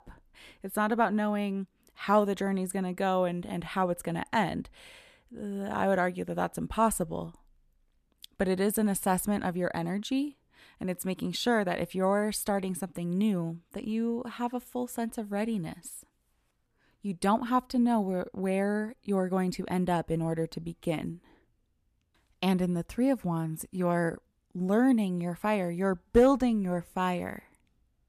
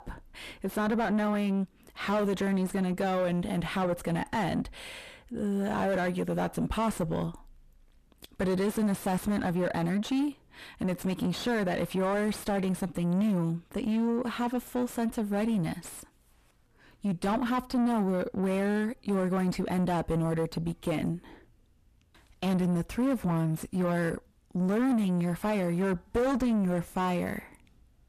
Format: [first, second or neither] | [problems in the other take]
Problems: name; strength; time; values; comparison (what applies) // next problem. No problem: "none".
first | distortion; heavy; 6 dB below the speech